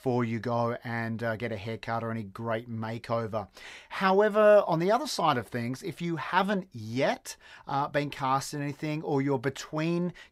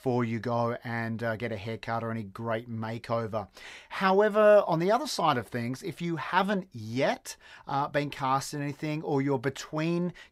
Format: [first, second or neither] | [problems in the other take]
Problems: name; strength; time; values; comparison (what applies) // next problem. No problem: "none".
neither | none